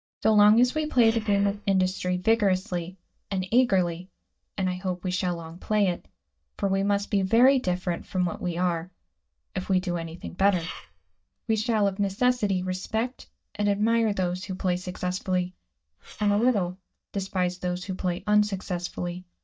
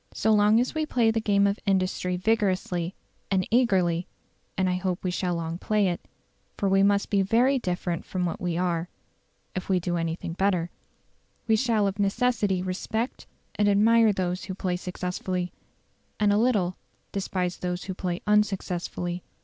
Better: second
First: noise reduction (neural mask model DeepFilterNet 3)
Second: none

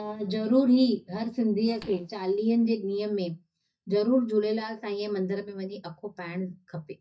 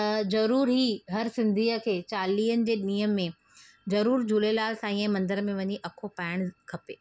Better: second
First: noise reduction (neural mask model DeepFilterNet 3)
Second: none

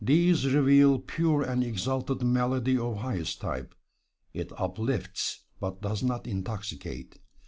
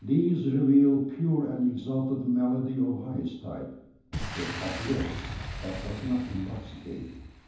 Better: first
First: none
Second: background sound (Boom); 13 dB below the speech // room echo; dies away in 0.9 s

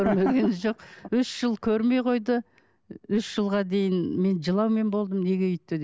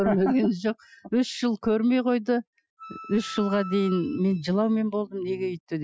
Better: first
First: none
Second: noise reduction (classical method Wiener filter)

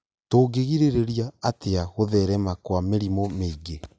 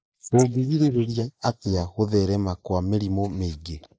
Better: first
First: none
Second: noise reduction (neural mask model Resemble Enhance denoiser)

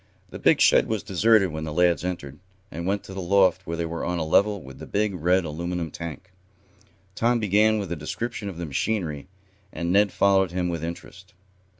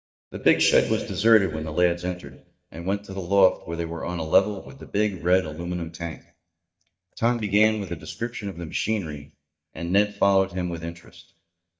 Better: first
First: none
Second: noise reduction (neural mask model DeepFilterNet 3)

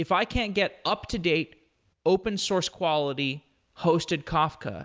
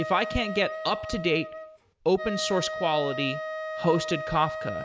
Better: first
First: none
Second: background sound (Wind instrument, woodwind instrument); 7 dB below the speech

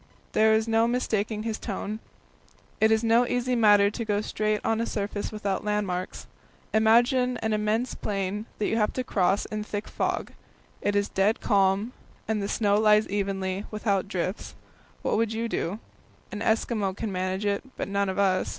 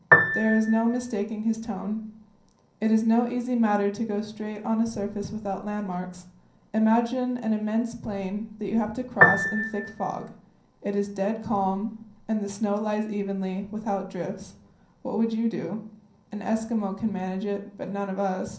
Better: first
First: none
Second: background sound (Piano); 4 dB above the speech // room echo; dies away in 0.6 s

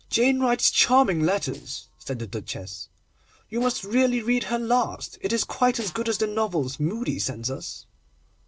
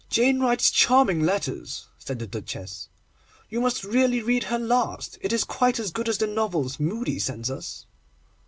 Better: second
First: noise reduction (neural separator model SepFormer DNS4)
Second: none

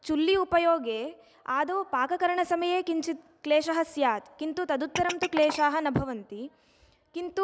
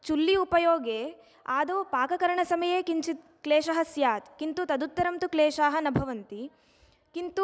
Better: second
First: background sound (Glass); 12 dB below the speech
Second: none

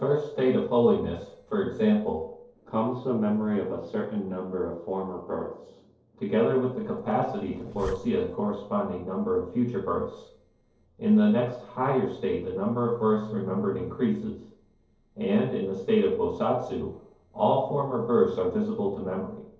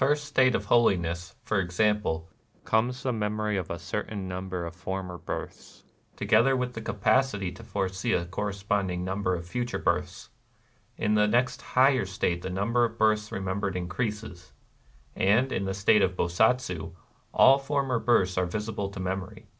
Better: second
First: noise reduction (neural separator model SepFormer DNS4)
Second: none

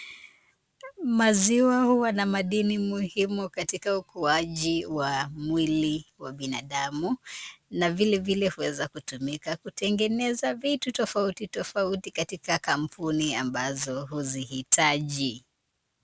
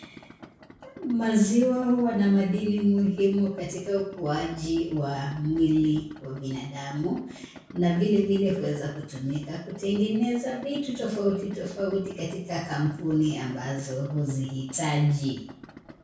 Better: first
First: none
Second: background sound (Idling); 20 dB below the speech // room echo; dies away in 0.6 s

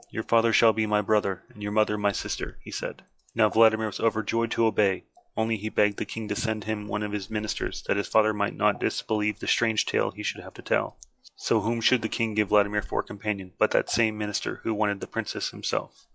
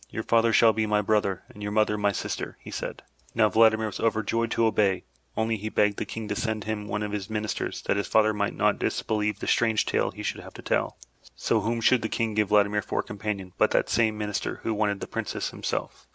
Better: second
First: noise reduction (classical method log-MMSE)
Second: none

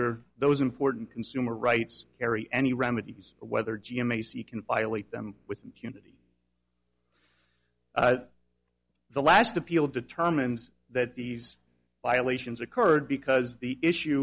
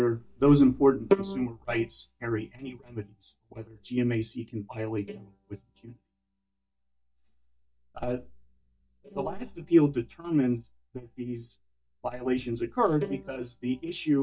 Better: first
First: none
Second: noise reduction (neural mask model DeepFilterNet 3)

